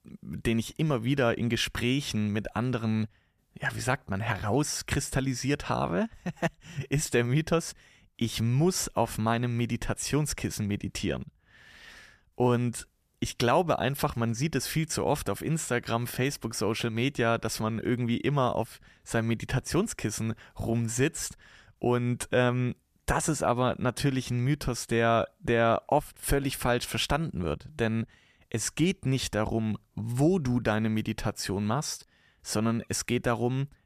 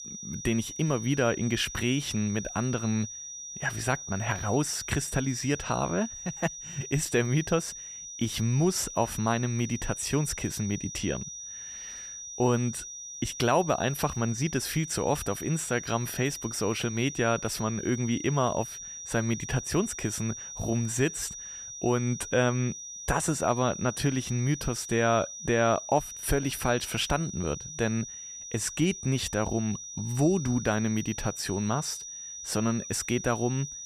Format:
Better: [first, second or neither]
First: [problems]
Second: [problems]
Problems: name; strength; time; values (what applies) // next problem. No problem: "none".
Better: first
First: none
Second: high-pitched whine; loud; throughout; 6 kHz, 9 dB below the speech